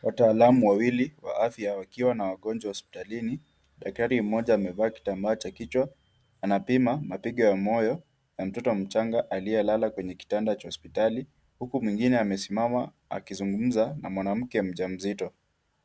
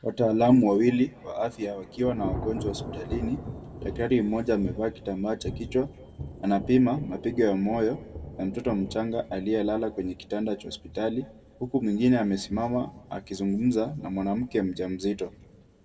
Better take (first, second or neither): first